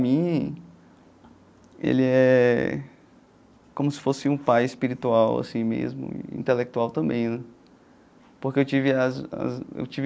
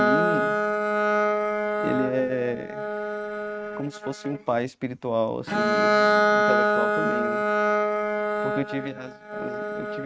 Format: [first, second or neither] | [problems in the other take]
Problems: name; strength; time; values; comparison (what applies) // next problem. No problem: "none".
first | noise reduction (neural mask model RNNoise)